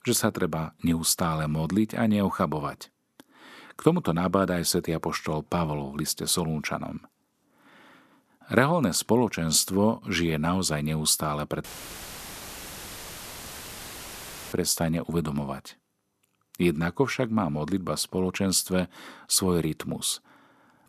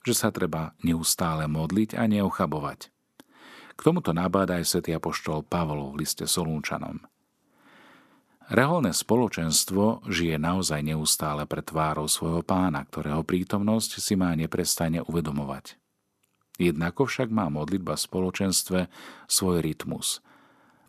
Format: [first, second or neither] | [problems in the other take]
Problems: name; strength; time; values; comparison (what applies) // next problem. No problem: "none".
second | audio cutting out; filled with static; at 12 s for 3 s